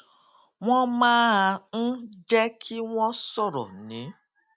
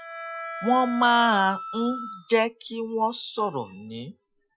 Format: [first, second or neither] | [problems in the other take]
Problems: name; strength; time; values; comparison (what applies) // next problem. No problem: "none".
first | noise reduction (classical method Wiener filter)